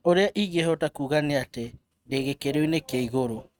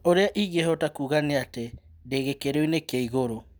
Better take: second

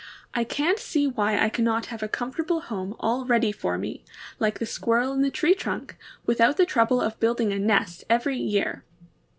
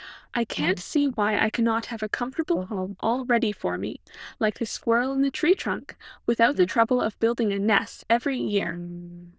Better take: first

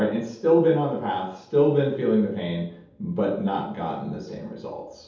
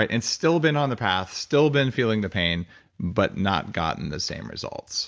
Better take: second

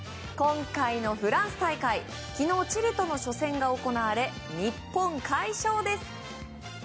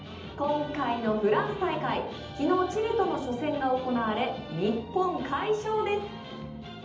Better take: first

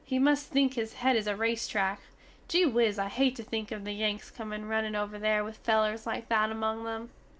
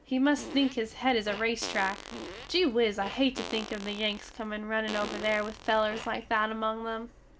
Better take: first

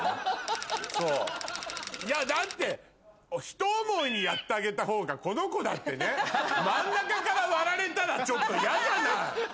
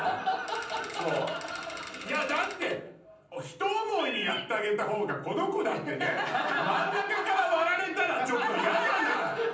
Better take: first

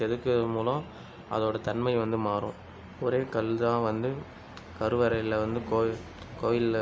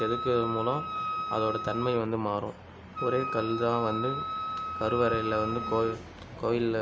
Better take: first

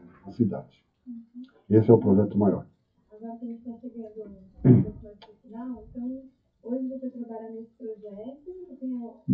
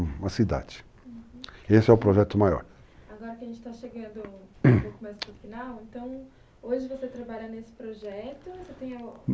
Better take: second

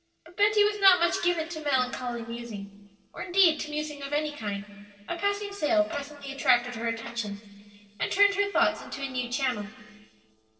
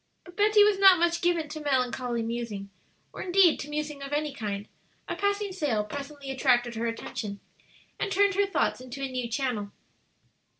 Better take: second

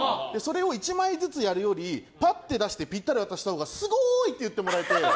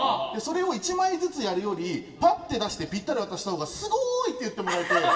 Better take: first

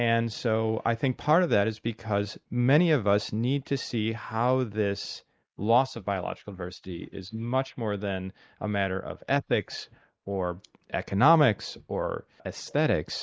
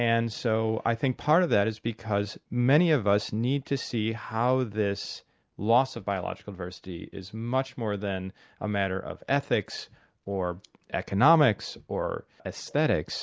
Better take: second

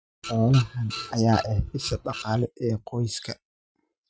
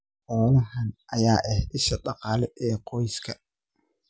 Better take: second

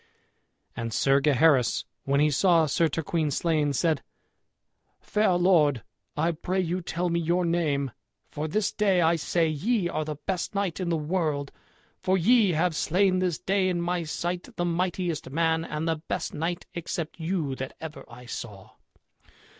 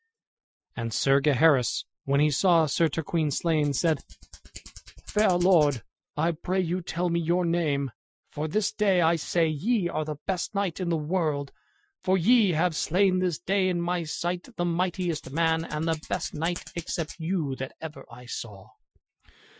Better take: first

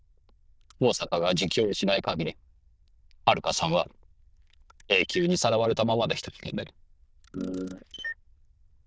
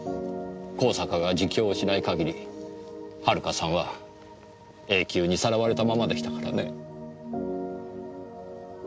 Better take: second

